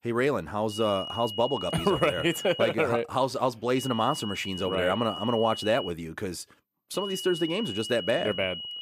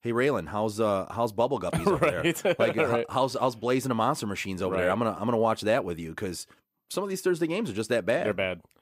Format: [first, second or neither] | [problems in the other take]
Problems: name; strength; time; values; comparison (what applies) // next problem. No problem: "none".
second | high-pitched whine; loud; from 0.5 to 2.5 s, from 4 to 6 s and from 7 s on; 3 kHz, 8 dB below the speech